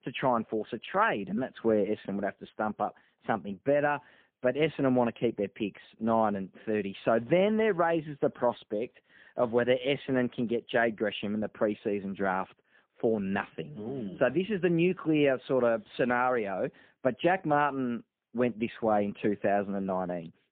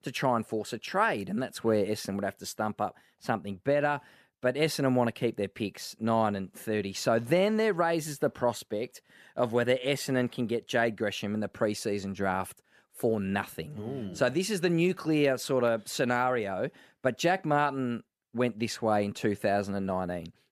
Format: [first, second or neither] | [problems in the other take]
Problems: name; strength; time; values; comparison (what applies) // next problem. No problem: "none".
second | phone-call audio; poor line